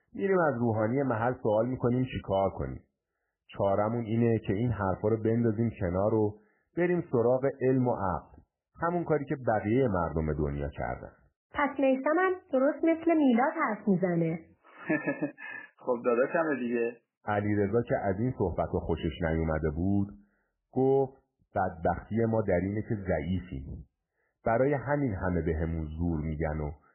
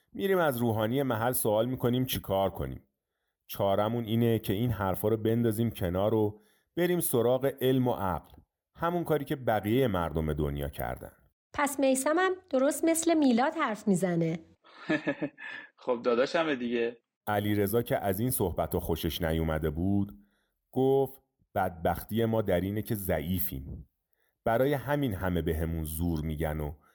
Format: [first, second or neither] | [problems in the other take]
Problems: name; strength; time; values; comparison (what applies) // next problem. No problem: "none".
second | garbled, watery; badly; nothing above 3 kHz